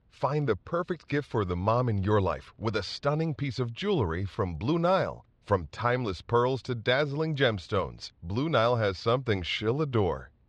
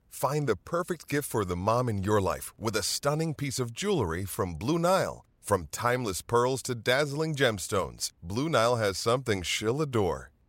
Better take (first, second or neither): second